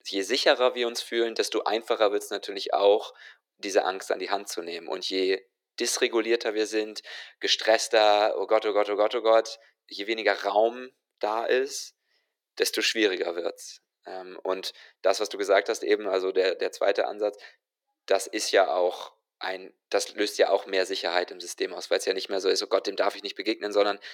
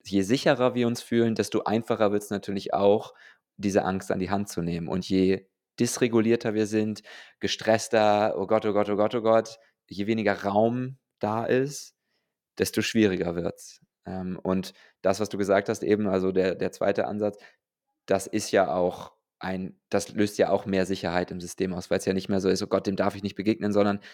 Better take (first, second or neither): second